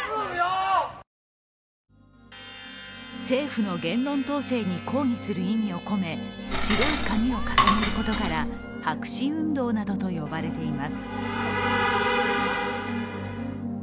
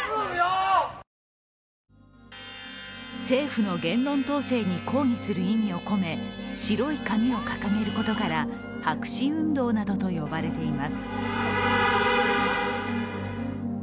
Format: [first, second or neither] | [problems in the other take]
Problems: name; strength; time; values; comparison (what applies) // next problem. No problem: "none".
second | background sound (Cutlery, silverware / Dishes, pots, and pans); 1 dB above the speech